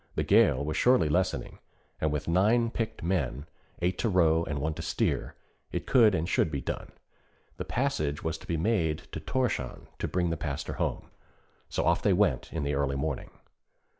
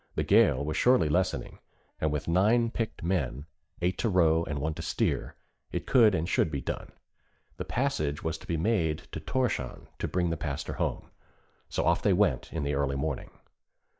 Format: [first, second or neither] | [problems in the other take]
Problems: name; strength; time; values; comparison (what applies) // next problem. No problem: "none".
first | noise reduction (neural mask model DeepFilterNet 3)